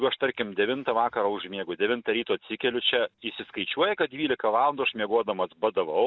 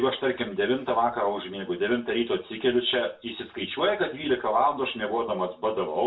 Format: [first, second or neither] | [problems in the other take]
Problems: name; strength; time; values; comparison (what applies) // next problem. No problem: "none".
first | room echo; dies away in 0.3 s